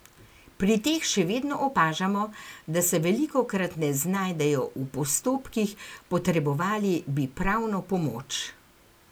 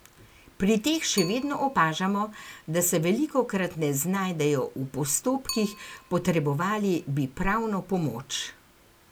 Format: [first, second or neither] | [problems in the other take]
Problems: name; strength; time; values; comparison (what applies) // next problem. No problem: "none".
first | background sound (Bicycle); 17 dB below the speech